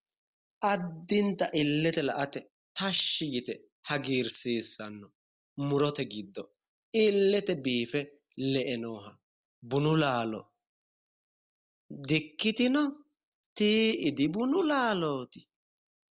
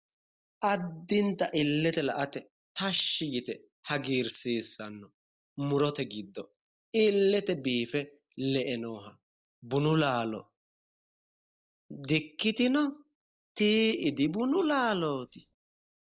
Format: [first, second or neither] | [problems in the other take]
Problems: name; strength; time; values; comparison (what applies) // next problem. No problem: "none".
first | noise reduction (neural mask model Resemble Enhance denoiser)